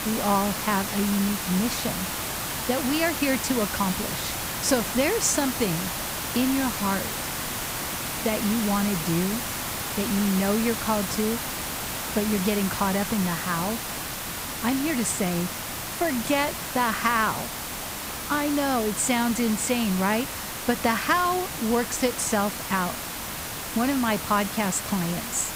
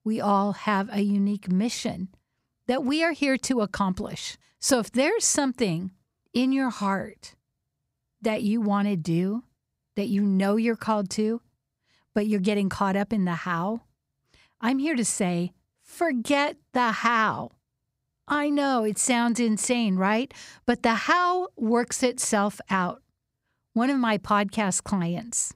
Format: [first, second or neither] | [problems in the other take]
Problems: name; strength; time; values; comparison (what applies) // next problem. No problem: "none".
second | hiss; loud; throughout; 4 dB below the speech